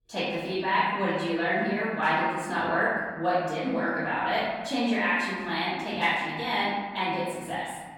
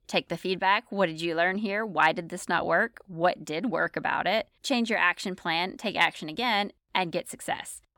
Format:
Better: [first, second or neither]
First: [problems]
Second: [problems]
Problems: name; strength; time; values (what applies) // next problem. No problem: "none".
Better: second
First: off-mic speech; far // room echo; strong; dies away in 1.6 s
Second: none